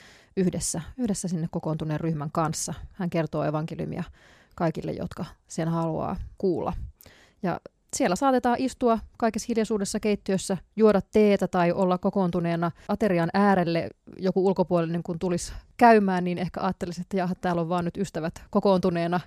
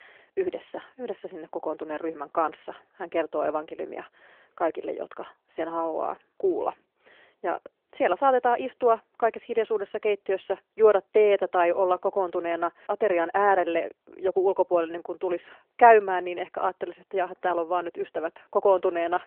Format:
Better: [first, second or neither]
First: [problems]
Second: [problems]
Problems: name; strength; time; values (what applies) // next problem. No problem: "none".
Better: first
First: none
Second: phone-call audio